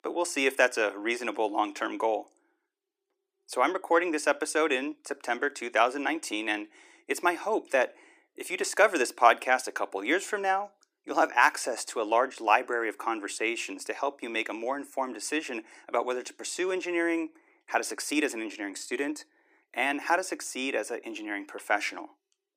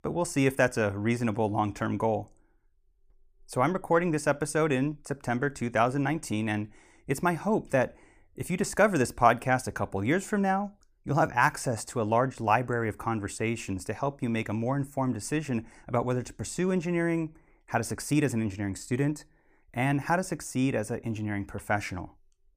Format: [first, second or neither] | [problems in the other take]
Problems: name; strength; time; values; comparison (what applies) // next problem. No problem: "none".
second | thin; somewhat; fading below 300 Hz